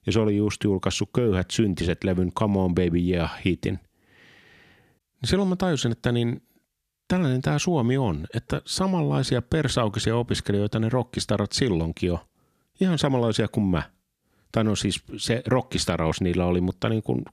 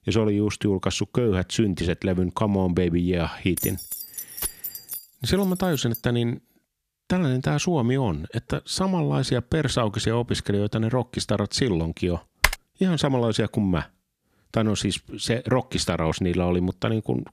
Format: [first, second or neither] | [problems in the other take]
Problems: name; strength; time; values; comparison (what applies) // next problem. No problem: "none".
first | jangling keys; noticeable; from 3.5 to 6 s; peak 4 dB below the speech // keyboard typing; loud; at 12 s; peak 1 dB above the speech